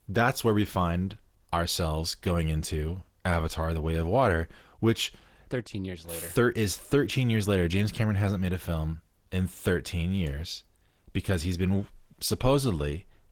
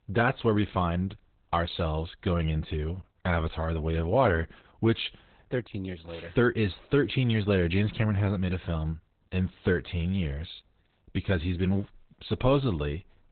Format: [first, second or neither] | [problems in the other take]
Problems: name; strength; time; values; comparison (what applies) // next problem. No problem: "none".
first | garbled, watery; badly; nothing above 4 kHz; slightly in the first